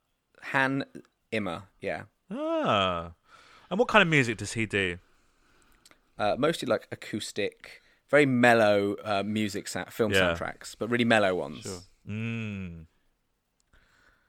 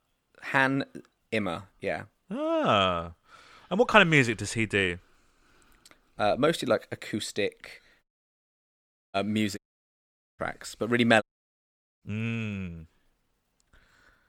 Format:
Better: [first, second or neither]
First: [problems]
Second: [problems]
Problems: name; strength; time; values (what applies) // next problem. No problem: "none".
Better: first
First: none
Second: audio cutting out; at 8 s for 1 s, at 9.5 s for 1 s and at 11 s for 1 s